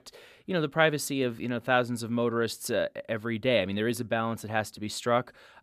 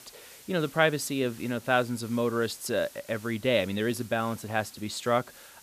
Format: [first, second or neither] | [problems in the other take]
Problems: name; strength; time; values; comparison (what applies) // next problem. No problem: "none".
first | hiss; faint; throughout; 20 dB below the speech